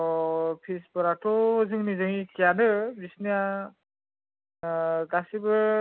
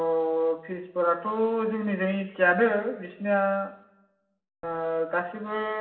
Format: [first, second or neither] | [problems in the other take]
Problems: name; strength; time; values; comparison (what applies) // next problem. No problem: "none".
first | room echo; dies away in 0.8 s